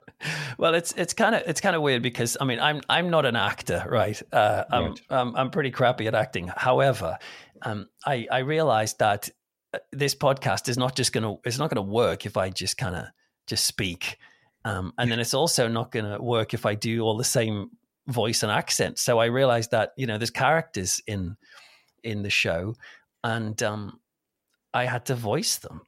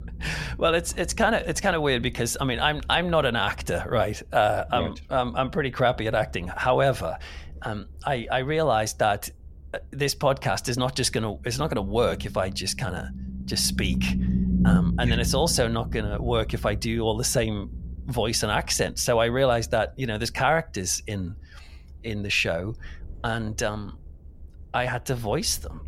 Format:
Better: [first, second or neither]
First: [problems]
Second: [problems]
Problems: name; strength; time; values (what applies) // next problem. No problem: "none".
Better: first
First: none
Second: low rumble; noticeable; throughout; 15 dB below the speech